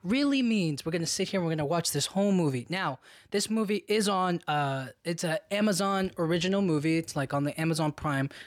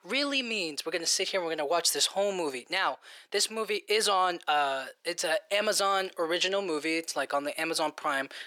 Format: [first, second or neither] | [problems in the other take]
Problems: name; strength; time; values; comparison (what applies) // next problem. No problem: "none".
first | thin; very; fading below 450 Hz